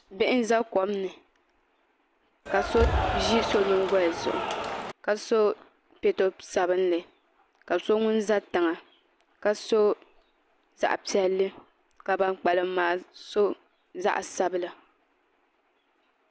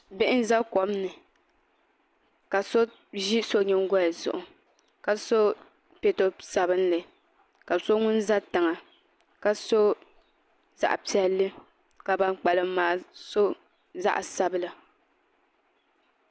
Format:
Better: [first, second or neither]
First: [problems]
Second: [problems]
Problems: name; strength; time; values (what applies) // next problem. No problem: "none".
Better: second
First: background sound (Cheering); 1 dB below the speech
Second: none